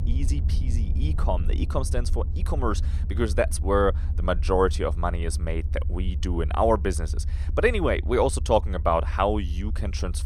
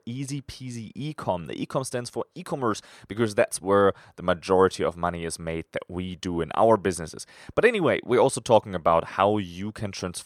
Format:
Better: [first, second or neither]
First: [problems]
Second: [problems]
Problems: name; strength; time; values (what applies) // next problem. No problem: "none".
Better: second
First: low rumble; faint; throughout; 20 dB below the speech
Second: none